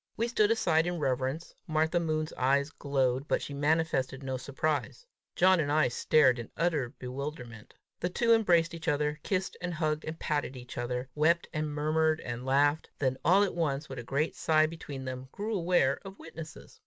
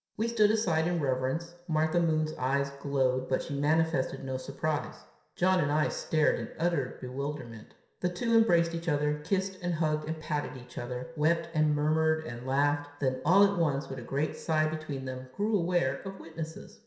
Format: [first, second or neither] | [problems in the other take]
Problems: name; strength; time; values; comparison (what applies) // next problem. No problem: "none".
first | room echo; dies away in 0.7 s